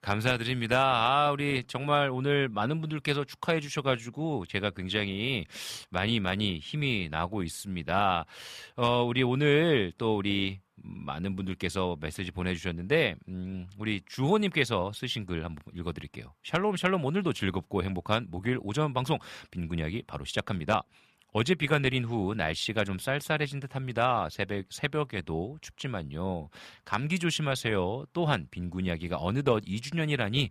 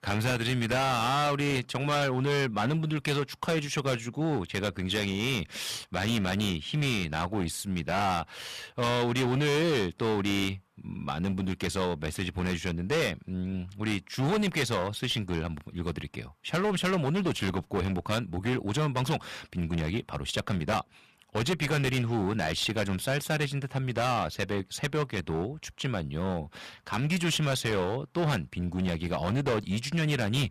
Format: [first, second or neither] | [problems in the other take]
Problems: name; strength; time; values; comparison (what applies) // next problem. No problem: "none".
first | distortion; heavy; 15% of the sound clipped